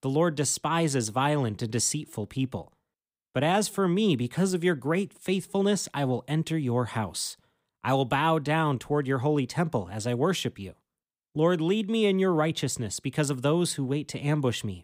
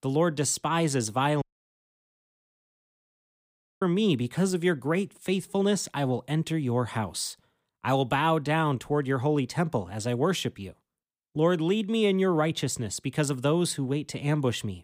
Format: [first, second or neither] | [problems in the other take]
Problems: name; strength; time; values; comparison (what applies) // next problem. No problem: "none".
first | audio cutting out; at 1.5 s for 2.5 s